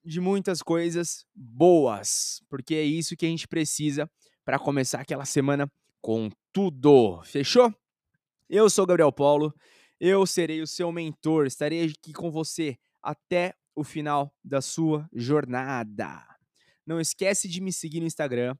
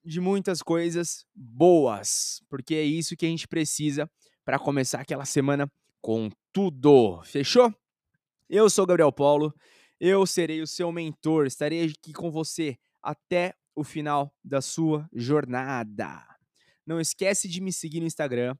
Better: neither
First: none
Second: none

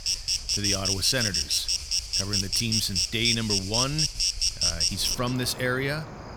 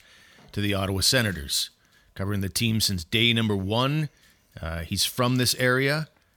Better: second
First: animal sounds; very loud; throughout; 4 dB above the speech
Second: none

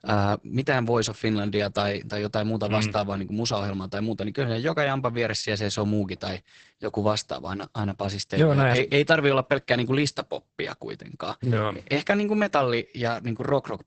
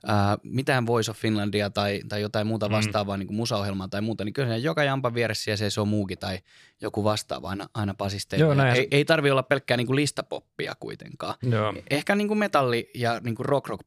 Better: second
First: garbled, watery; badly; nothing above 8 kHz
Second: none

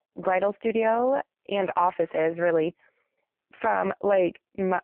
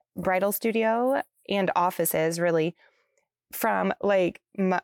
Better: second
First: phone-call audio; poor line; nothing above 3 kHz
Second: none

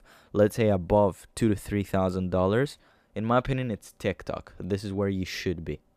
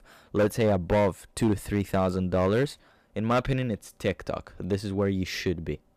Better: first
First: none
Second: distortion; slight; 5% of the sound clipped

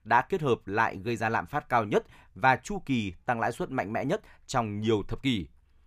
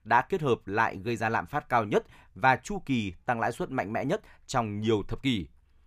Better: neither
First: none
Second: none

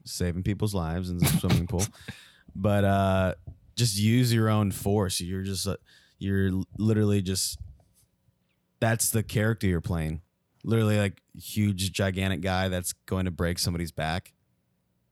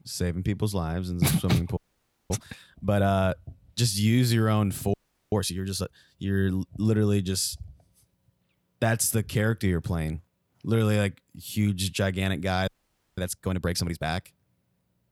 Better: first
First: none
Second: audio freezing; at 2 s for 0.5 s, at 5 s and at 13 s

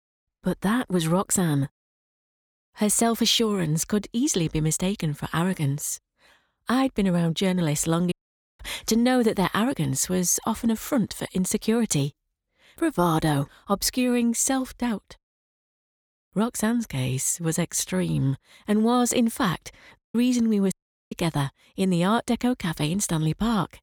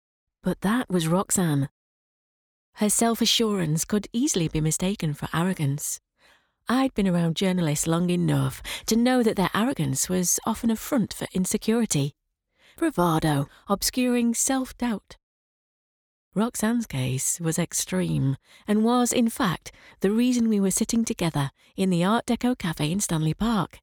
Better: second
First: audio cutting out; at 8 s, at 20 s and at 21 s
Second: none

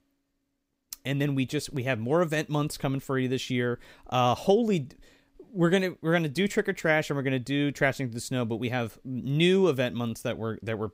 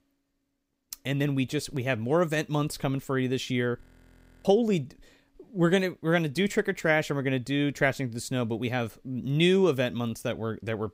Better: first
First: none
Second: audio freezing; at 4 s for 0.5 s

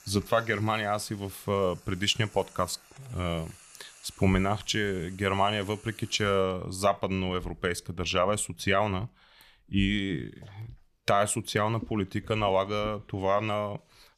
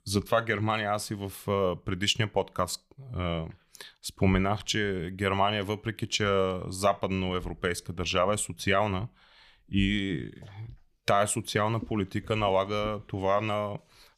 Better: second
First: household noises; faint; throughout; 25 dB below the speech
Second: none

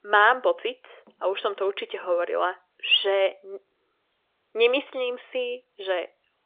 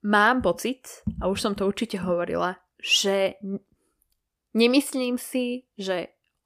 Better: second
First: phone-call audio; nothing above 3.5 kHz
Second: none

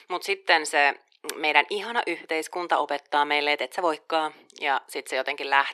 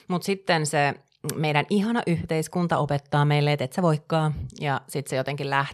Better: second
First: thin; very; fading below 300 Hz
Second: none

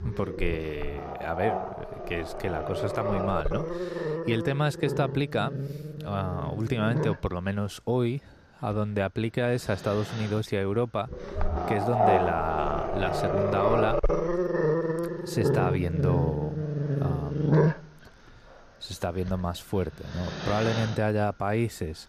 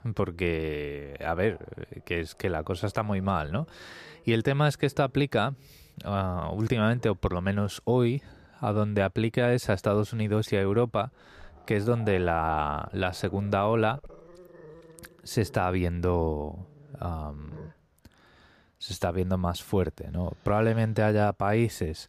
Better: second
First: animal sounds; loud; throughout; as loud as the speech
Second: animal sounds; faint; throughout; 25 dB below the speech

